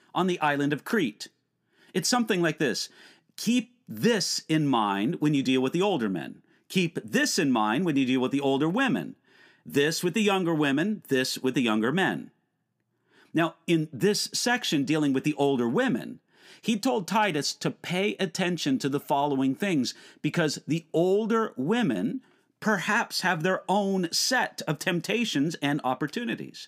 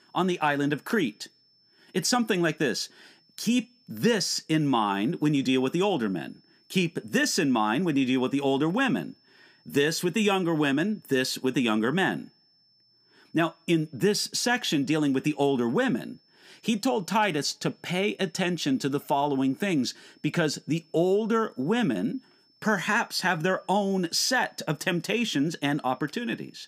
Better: first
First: none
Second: high-pitched whine; faint; throughout; 5.5 kHz, 35 dB below the speech

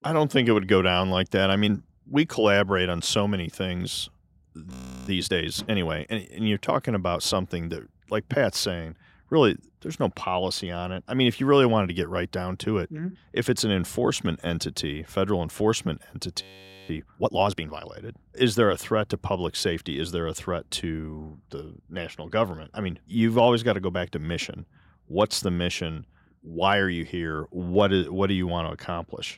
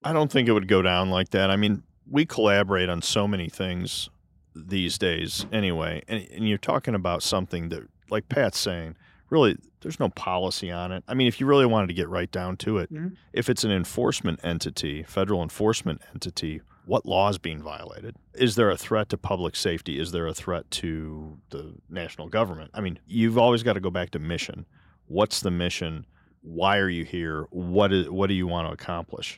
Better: second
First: audio freezing; at 4.5 s and at 16 s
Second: none

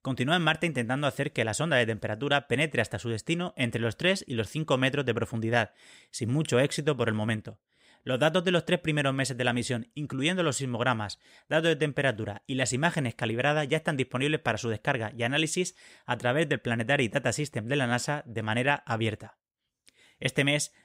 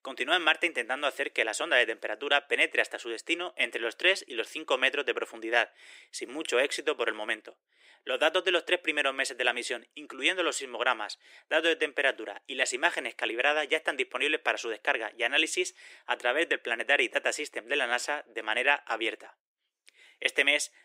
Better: first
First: none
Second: thin; very; fading below 350 Hz

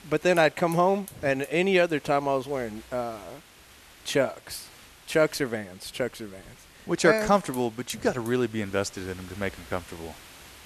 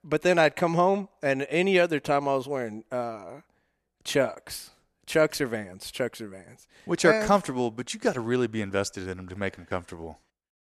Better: second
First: hiss; faint; throughout; 20 dB below the speech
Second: none

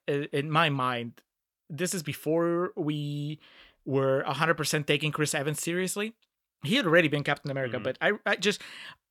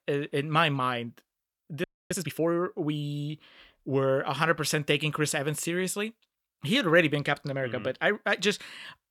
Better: first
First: none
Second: audio freezing; at 2 s

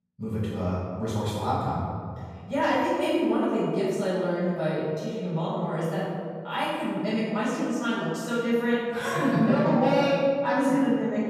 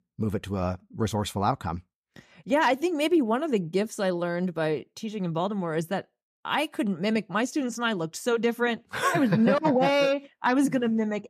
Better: second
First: off-mic speech; far // room echo; strong; dies away in 2.1 s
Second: none

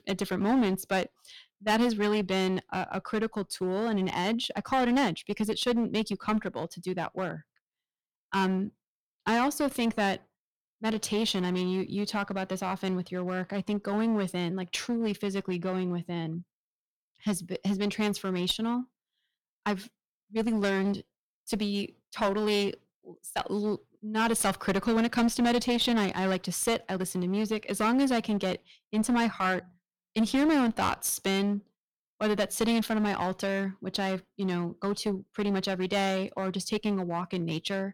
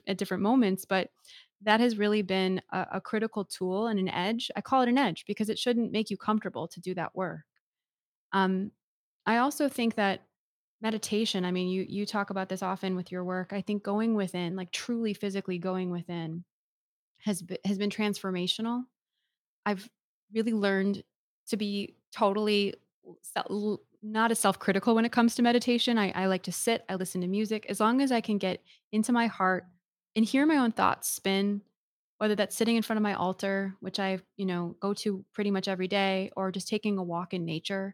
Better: second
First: distortion; slight; 8% of the sound clipped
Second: none

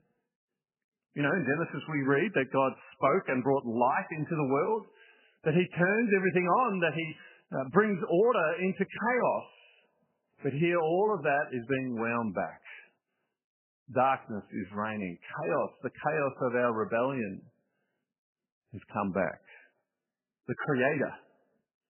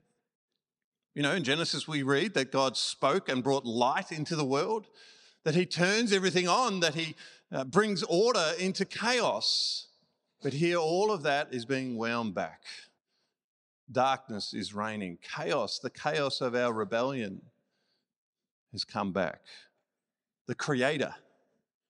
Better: second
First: garbled, watery; badly; nothing above 3 kHz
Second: none

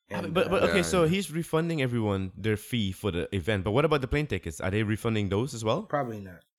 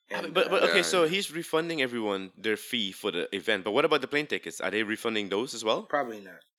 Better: first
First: none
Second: thin; somewhat; fading below 250 Hz

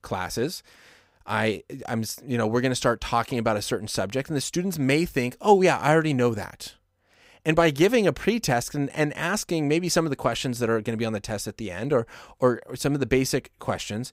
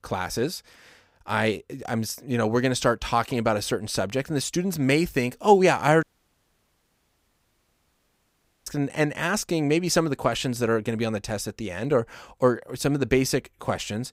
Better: first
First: none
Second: audio cutting out; at 6 s for 2.5 s

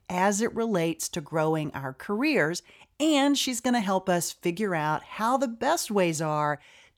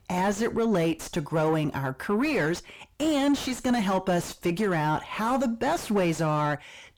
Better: first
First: none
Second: distortion; heavy; 6 dB below the speech

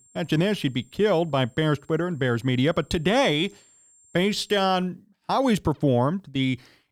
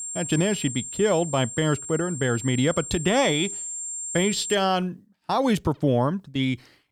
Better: first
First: high-pitched whine; faint; until 4.5 s; 7.5 kHz, 35 dB below the speech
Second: high-pitched whine; loud; until 4.5 s; 7.5 kHz, 8 dB below the speech

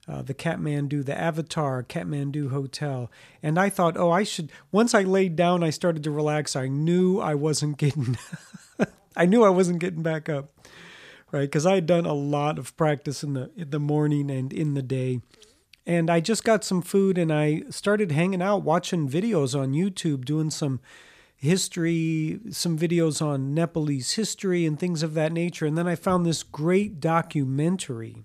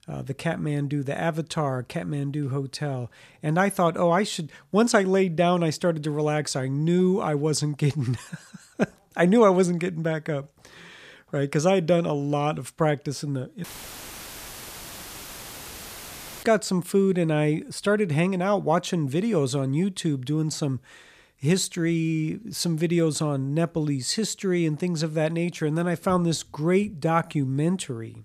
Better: first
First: none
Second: audio cutting out; filled with static; at 14 s for 3 s

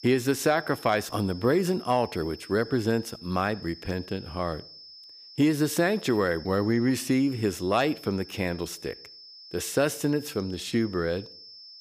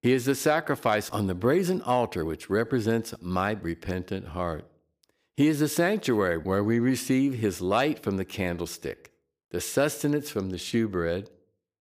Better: second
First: high-pitched whine; noticeable; throughout; 5.5 kHz, 15 dB below the speech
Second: none

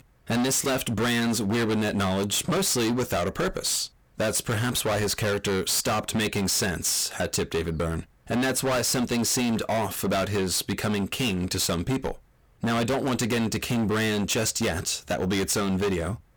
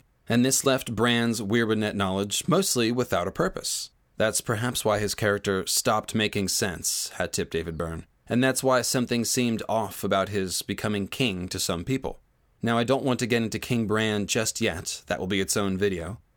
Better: second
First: distortion; heavy; 26% of the sound clipped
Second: none

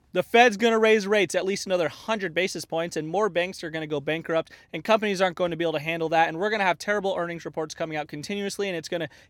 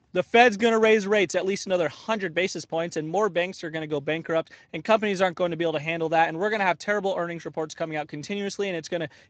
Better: first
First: none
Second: garbled, watery; slightly; nothing above 7.5 kHz

